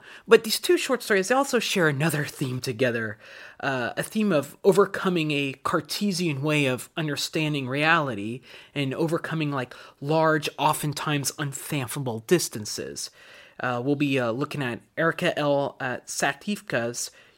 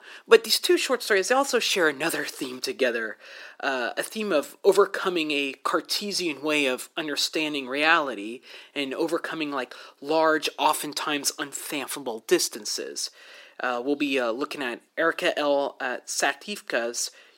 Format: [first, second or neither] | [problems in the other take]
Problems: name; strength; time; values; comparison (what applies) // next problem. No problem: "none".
first | thin; very slightly; fading below 300 Hz